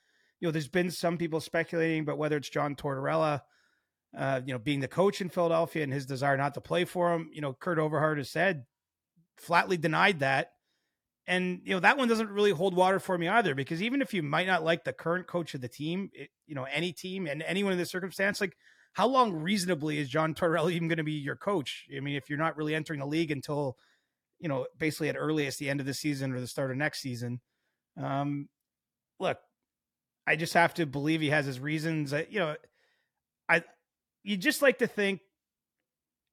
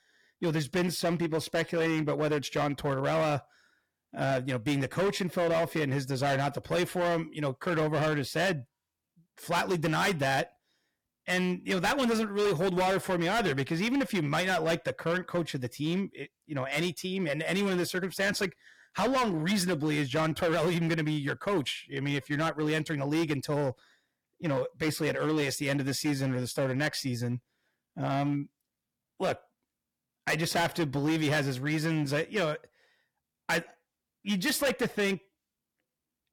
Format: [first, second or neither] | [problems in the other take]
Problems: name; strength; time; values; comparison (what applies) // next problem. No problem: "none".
first | distortion; heavy; 13% of the sound clipped